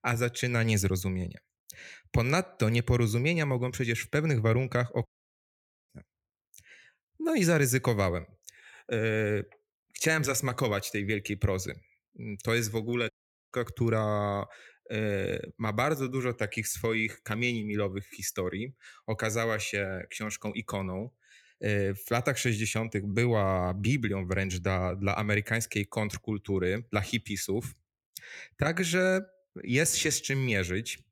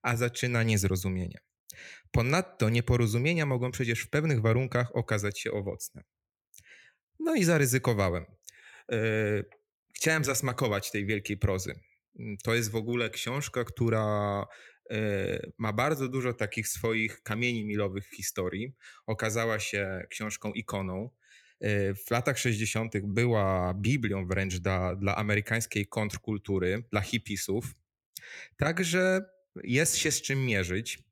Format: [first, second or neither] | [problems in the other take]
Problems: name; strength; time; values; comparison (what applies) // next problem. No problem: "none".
second | audio cutting out; at 5 s for 1 s and at 13 s